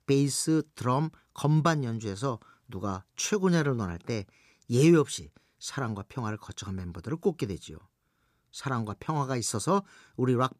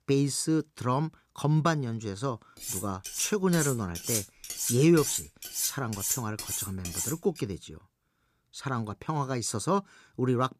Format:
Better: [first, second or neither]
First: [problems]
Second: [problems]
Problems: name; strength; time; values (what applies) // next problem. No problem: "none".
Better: first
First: none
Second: clattering dishes; noticeable; from 2.5 to 7 s; peak level with the speech